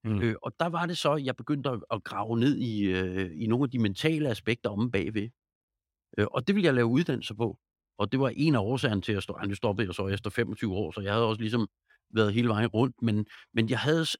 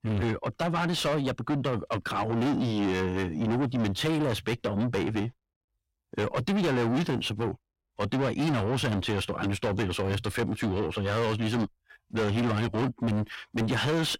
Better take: first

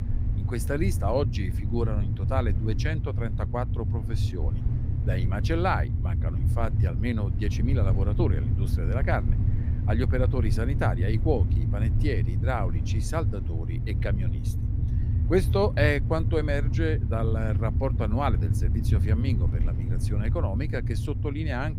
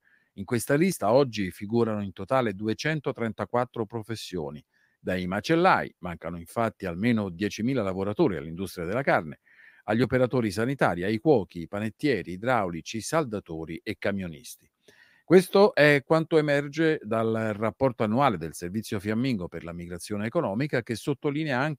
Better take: second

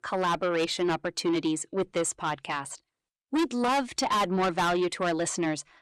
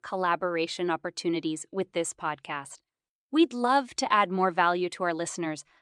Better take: second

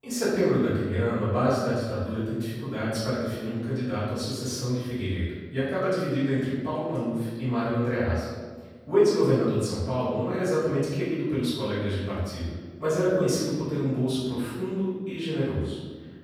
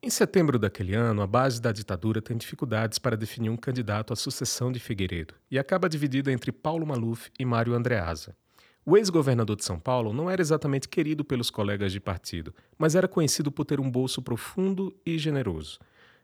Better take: second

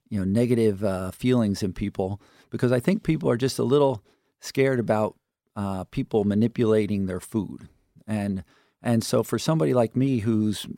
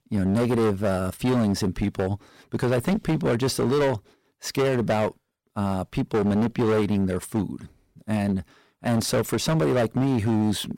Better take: first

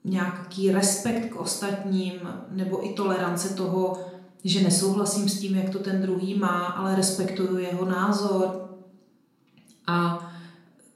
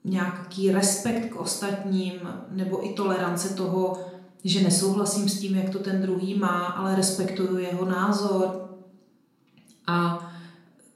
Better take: neither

